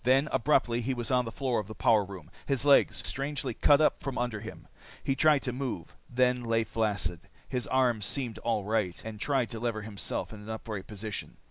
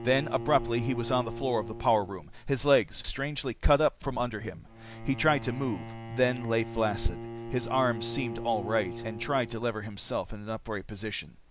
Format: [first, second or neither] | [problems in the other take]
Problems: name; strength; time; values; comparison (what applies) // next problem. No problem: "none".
first | background sound (Bowed string instrument); 12 dB below the speech